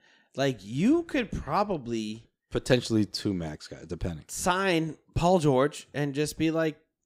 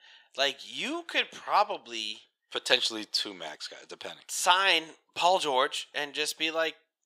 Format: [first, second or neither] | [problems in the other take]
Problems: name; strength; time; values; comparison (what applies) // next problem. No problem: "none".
first | thin; very; fading below 800 Hz